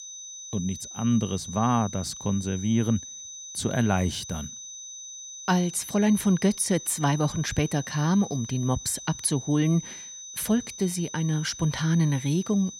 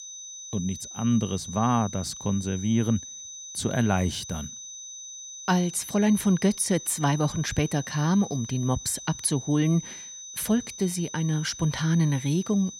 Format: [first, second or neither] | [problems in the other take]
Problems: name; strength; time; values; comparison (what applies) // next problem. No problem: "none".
neither | high-pitched whine; noticeable; throughout; 6 kHz, 10 dB below the speech; the same in both